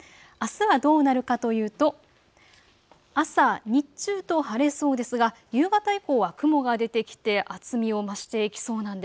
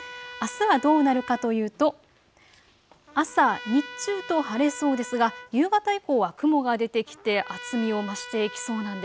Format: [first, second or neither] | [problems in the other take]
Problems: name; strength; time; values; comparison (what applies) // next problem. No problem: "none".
first | background sound (Trumpet); 17 dB below the speech